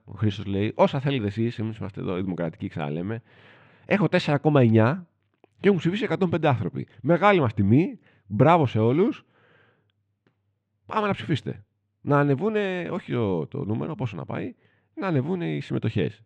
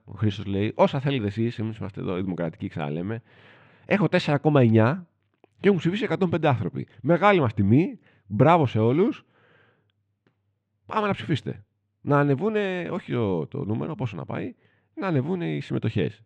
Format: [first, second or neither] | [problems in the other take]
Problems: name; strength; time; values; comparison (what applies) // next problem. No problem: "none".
neither | muffled; slightly; fading above 2.5 kHz; the same in both